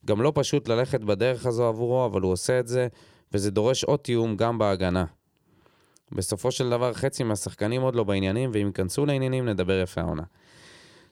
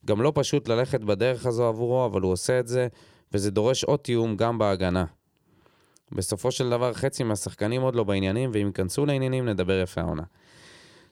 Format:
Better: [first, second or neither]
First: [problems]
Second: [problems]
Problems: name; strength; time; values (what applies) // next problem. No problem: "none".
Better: neither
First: none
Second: none